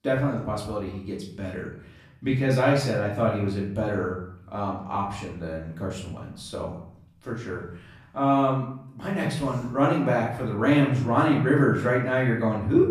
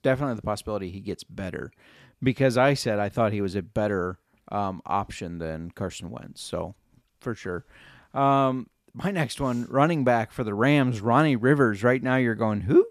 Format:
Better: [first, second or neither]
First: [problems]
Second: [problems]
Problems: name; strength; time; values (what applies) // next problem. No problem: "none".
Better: second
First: off-mic speech; far // room echo; noticeable; dies away in 0.6 s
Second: none